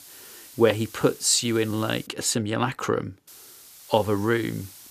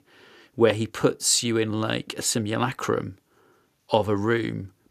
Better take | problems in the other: second | hiss; noticeable; until 2 s and from 3.5 s on; 20 dB below the speech

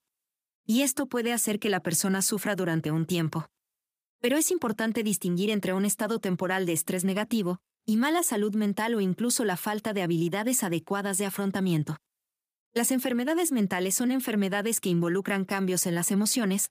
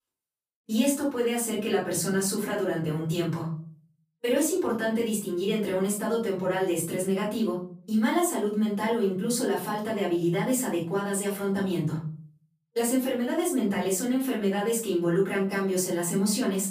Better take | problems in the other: first | off-mic speech; far // room echo; slight; dies away in 0.4 s

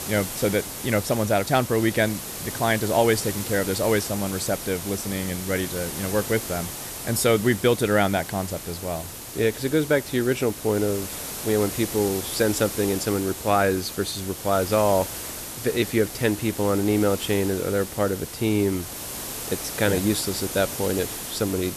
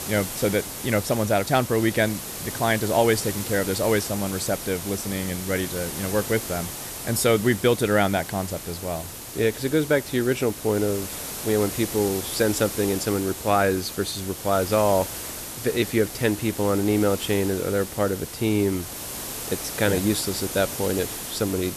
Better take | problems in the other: neither | hiss; loud; throughout; 8 dB below the speech; the same in both

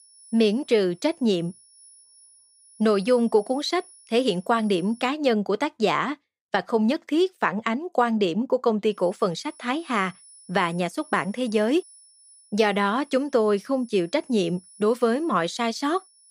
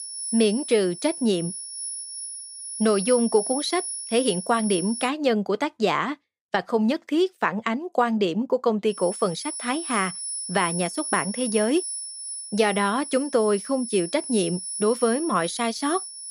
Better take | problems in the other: first | high-pitched whine; loud; until 5 s and from 9 s on; 10.5 kHz, 7 dB below the speech; faint in the first

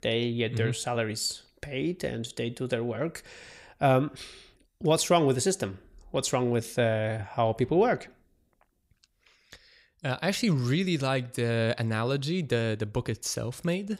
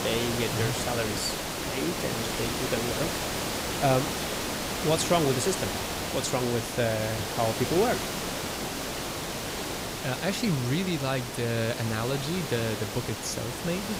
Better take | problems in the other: first | hiss; loud; throughout; 2 dB below the speech

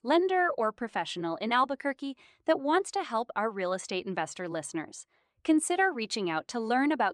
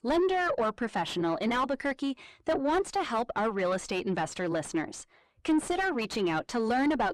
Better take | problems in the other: first | distortion; heavy; 7 dB below the speech

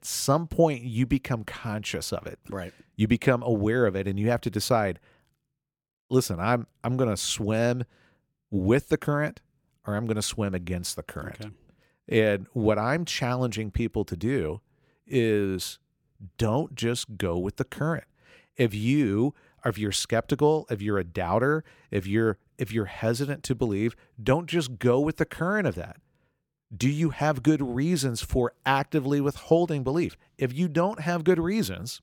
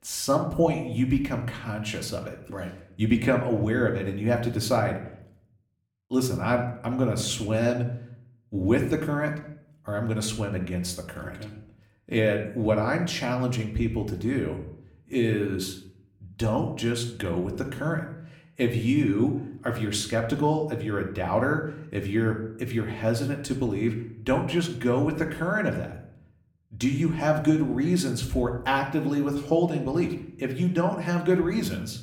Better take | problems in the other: first | room echo; slight; dies away in 0.5 s // off-mic speech; somewhat distant

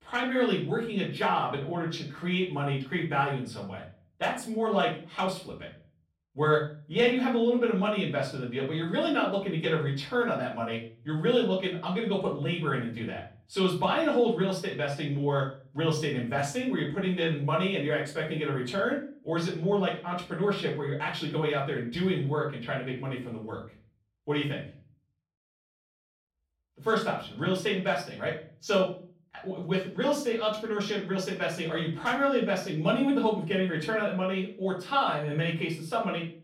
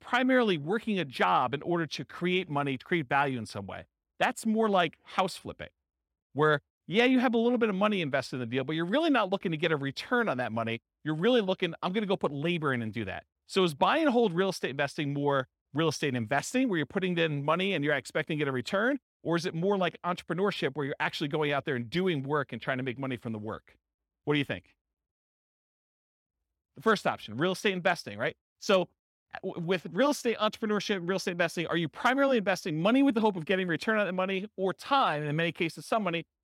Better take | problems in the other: second | room echo; slight; dies away in 0.4 s // off-mic speech; far

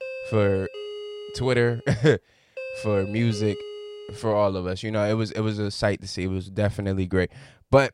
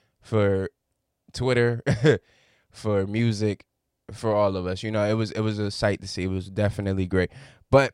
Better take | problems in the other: second | doorbell; noticeable; until 4.5 s; peak 9 dB below the speech

